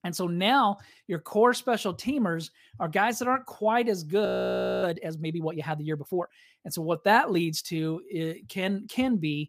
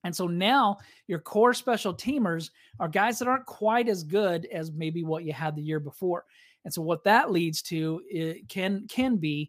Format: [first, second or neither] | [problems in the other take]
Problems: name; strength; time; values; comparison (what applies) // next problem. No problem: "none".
second | audio freezing; at 4.5 s for 0.5 s